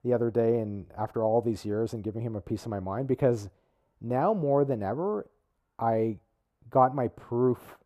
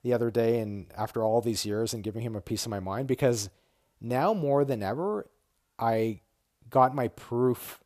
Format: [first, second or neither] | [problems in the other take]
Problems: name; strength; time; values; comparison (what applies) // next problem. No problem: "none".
second | muffled; very; fading above 2 kHz